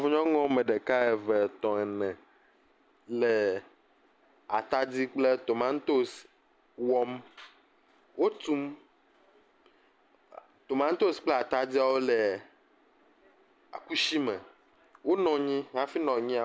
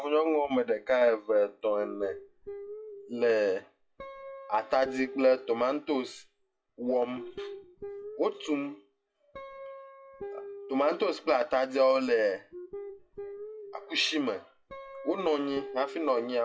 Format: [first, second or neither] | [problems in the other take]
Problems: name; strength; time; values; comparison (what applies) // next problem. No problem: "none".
first | noise reduction (classical method WPE with log-MMSE)